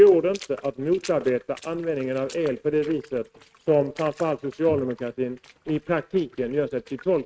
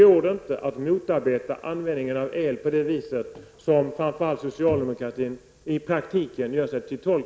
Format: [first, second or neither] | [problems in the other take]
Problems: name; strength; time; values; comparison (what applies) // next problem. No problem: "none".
second | noise reduction (neural mask model RNNoise)